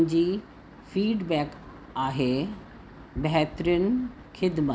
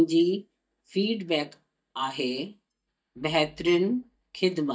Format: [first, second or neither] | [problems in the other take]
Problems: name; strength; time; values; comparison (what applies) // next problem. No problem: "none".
first | noise reduction (neural mask model DeepFilterNet 3)